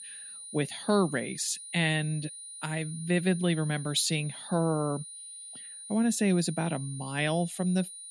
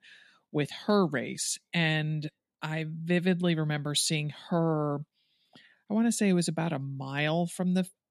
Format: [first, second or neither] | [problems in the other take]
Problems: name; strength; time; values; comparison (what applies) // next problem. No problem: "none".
second | high-pitched whine; noticeable; throughout; 9.5 kHz, 10 dB below the speech